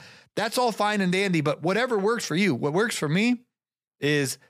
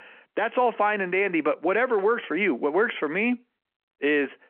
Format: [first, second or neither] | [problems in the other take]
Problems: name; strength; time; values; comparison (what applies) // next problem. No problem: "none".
first | phone-call audio